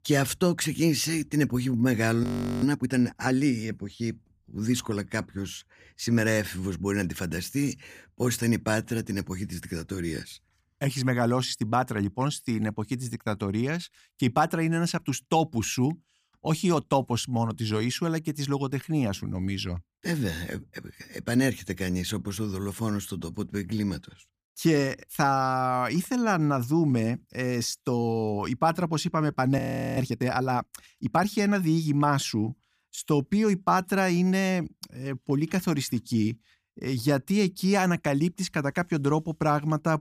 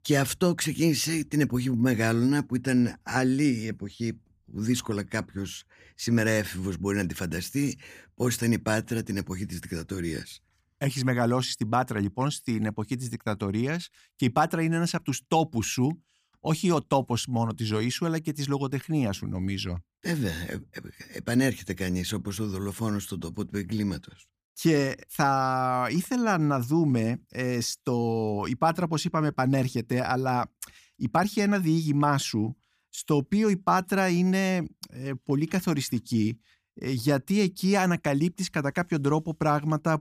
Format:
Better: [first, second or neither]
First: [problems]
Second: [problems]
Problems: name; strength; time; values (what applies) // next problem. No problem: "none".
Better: second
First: audio freezing; at 2 s and at 30 s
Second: none